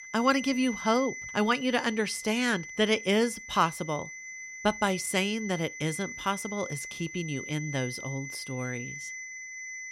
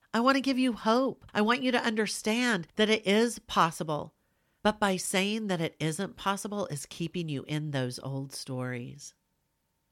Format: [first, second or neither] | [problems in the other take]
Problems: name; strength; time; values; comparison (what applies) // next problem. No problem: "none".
second | high-pitched whine; loud; throughout; 2 kHz, 10 dB below the speech